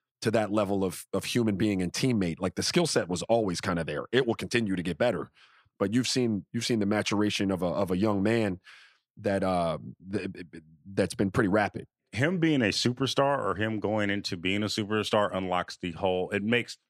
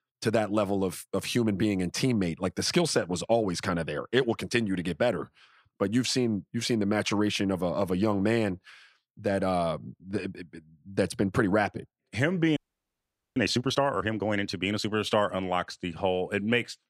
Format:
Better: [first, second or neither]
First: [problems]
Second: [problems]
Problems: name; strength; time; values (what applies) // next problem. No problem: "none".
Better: first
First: none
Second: audio freezing; at 13 s for 1 s